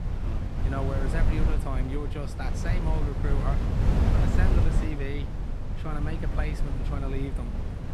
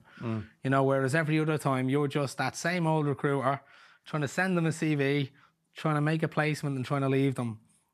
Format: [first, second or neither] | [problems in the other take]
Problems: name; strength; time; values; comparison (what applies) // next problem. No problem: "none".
second | wind noise on the microphone; heavy; 1 dB below the speech